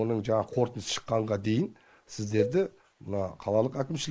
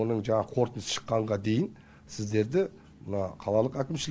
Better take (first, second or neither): second